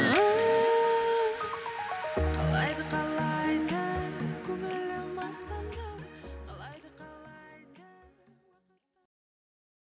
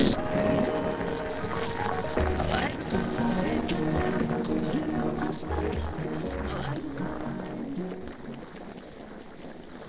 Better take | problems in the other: first | noise reduction (neural separator model SepFormer DNS4)

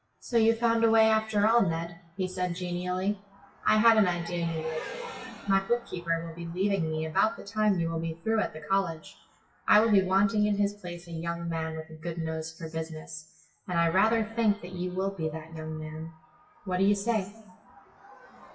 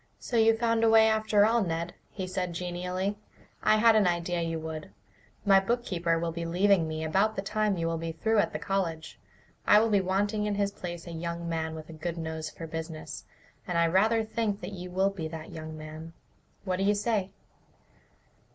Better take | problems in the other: second | noise reduction (classical method WPE with log-MMSE)

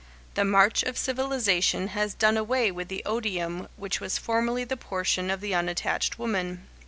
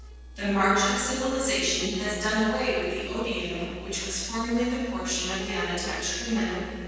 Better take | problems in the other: first | noise reduction (neural separator model SepFormer DNS4)

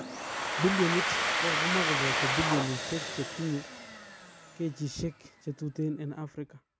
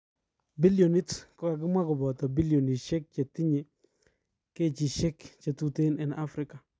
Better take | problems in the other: second | background sound (Domestic sounds, home sounds); 1 dB above the speech

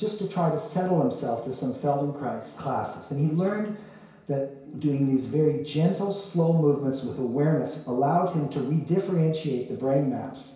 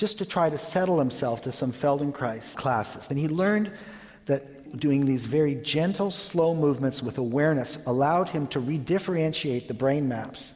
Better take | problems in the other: second | room echo; dies away in 0.6 s

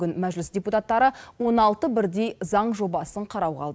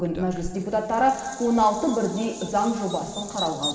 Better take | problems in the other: first | background sound (Bird vocalization, bird call, bird song); 13 dB below the speech // room echo; dies away in 2.1 s

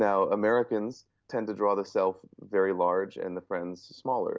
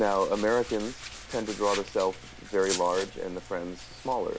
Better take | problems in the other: first | background sound (Domestic sounds, home sounds); 11 dB below the speech

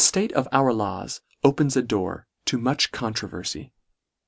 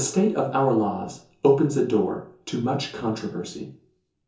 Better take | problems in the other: first | room echo; dies away in 0.6 s

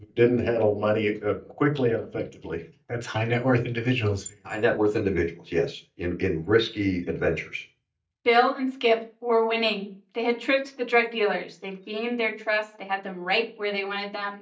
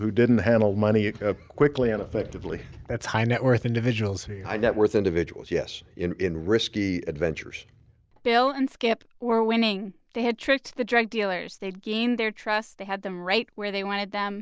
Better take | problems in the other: second | noise reduction (neural mask model DeepFilterNet 3)

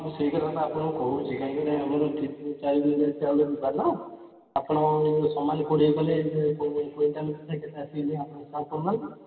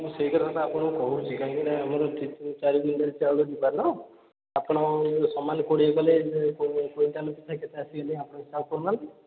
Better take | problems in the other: second | room echo; dies away in 1.4 s

